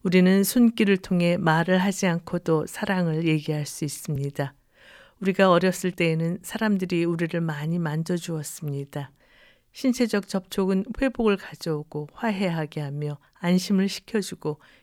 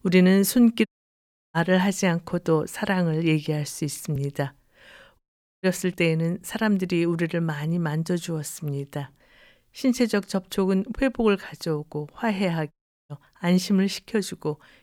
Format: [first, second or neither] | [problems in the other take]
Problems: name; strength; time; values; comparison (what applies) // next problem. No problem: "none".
first | audio cutting out; at 1 s for 0.5 s, at 5 s and at 13 s